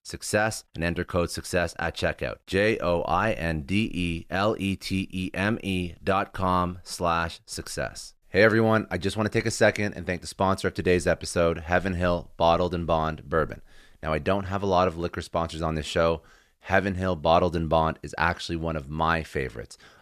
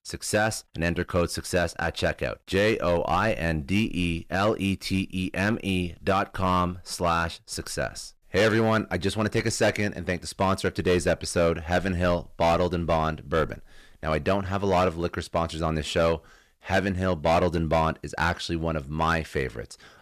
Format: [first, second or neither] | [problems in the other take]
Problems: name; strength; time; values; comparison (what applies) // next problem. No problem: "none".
first | distortion; slight; 5% of the sound clipped